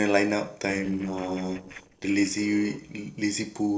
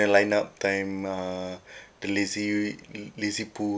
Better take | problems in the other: second | noise reduction (neural separator model SepFormer DNS4)

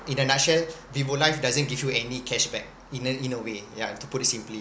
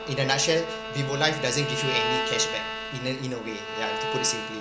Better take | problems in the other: first | background sound (Bowed string instrument); 3 dB below the speech

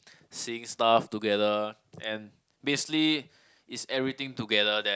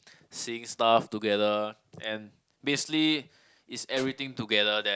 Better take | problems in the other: first | background sound (Tools); 15 dB below the speech

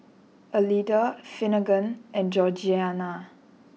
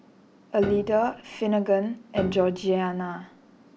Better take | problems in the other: first | background sound (Piano); 12 dB below the speech

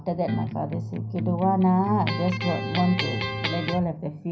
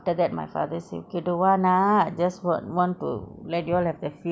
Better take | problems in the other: second | background sound (Electric guitar); 4 dB below the speech // room echo; dies away in 0.4 s

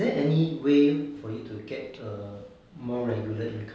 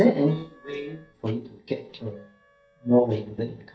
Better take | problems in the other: first | noise reduction (neural mask model DeepFilterNet 3)

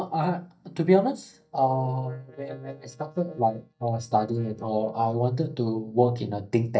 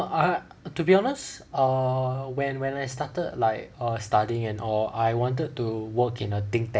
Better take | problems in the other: second | noise reduction (neural mask model DeepFilterNet 3)

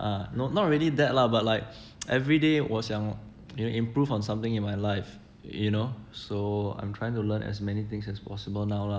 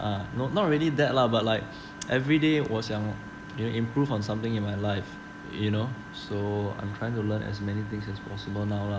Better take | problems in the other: first | background sound (Engine); 15 dB below the speech

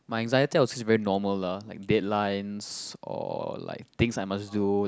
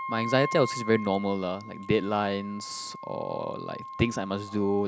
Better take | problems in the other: first | background sound (Wind instrument, woodwind instrument); 10 dB below the speech

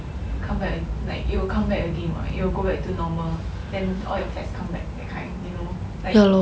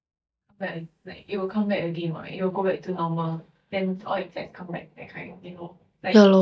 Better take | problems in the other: first | noise reduction (neural mask model DeepFilterNet 3)

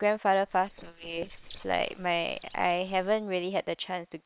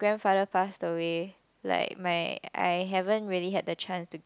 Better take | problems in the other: second | noise reduction (neural separator model SepFormer WHAM!)

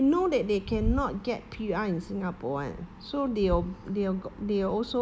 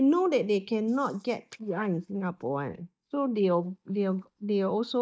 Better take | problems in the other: first | noise reduction (neural mask model DeepFilterNet 3)

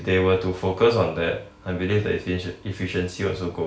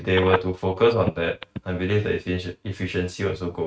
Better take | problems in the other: first | noise reduction (neural mask model RNNoise)

